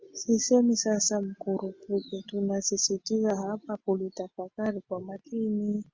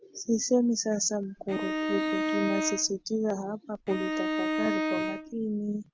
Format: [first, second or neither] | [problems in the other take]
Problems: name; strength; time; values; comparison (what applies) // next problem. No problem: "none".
first | background sound (Bowed string instrument); as loud as the speech